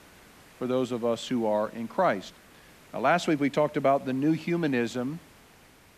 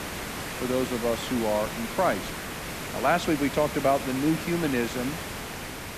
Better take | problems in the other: first | hiss; loud; throughout; 6 dB below the speech; faint in the first

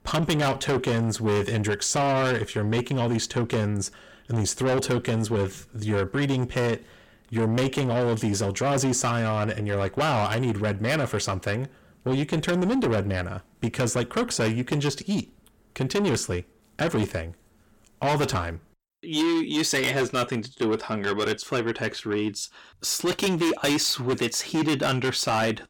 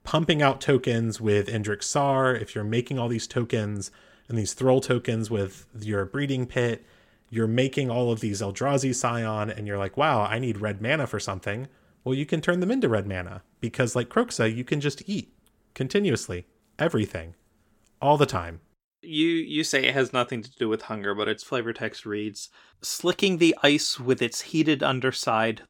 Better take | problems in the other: second | distortion; heavy; 6 dB below the speech

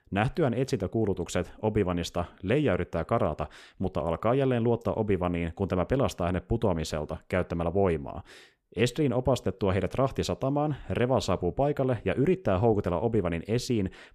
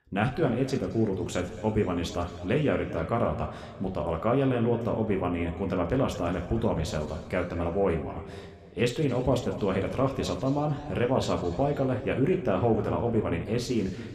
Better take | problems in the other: first | room echo; slight; dies away in 2 s

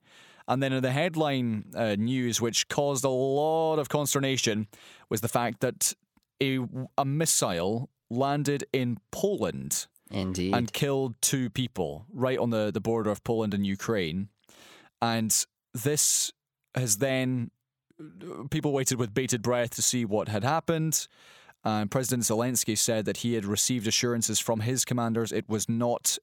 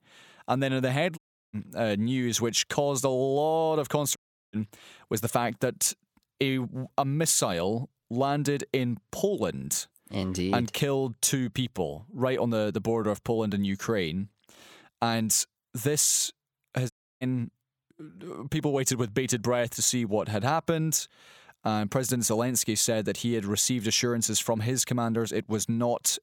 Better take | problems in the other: first | audio cutting out; at 1 s, at 4 s and at 17 s

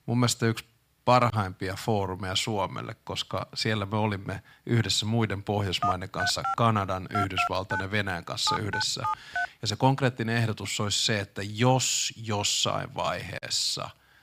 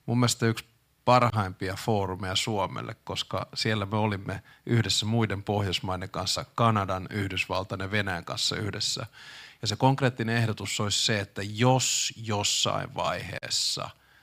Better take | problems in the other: second | phone ringing; noticeable; from 6 to 9.5 s; peak 2 dB below the speech

